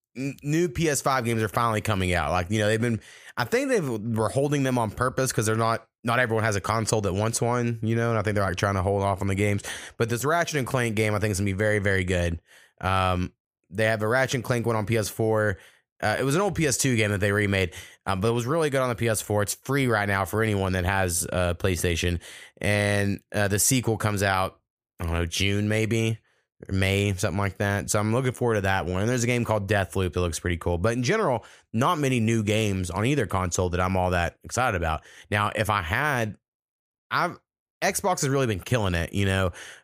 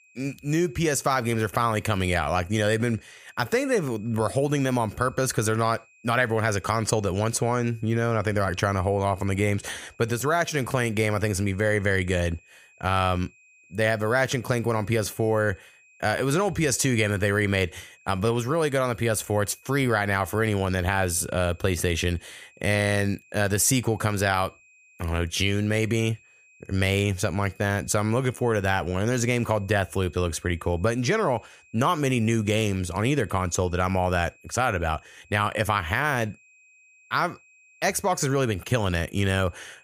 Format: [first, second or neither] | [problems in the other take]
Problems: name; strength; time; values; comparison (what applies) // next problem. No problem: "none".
first | high-pitched whine; faint; throughout; 2.5 kHz, 30 dB below the speech